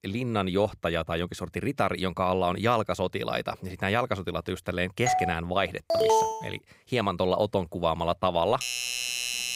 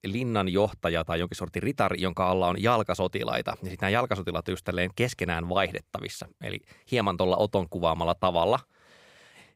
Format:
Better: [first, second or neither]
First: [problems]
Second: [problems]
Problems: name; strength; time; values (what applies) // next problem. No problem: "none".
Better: second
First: doorbell; loud; at 5 s and from 8.5 s on; peak 1 dB above the speech // alarm; loud; at 6 s; peak 6 dB above the speech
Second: none